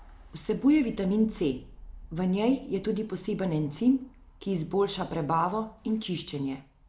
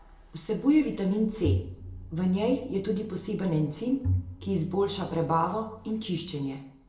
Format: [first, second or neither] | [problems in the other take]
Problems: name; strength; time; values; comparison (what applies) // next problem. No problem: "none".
first | background sound (Bowed string instrument); 7 dB below the speech // room echo; dies away in 0.6 s